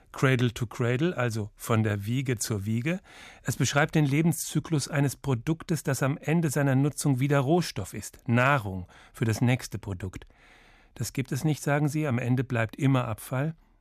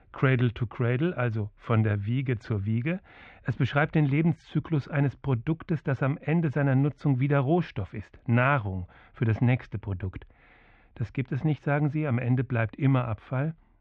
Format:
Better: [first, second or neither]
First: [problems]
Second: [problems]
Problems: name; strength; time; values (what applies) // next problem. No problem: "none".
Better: first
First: none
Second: muffled; very; fading above 3 kHz